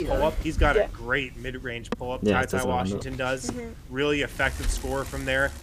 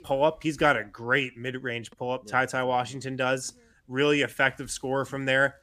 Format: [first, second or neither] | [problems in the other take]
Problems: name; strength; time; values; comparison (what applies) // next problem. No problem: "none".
second | traffic noise; loud; throughout; 2 dB below the speech; faint in the second